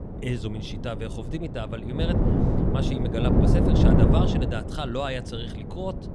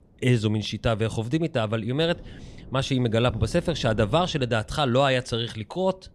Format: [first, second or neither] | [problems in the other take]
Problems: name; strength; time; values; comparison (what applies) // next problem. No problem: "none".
second | wind noise on the microphone; heavy; 4 dB above the speech; occasional gusts in the second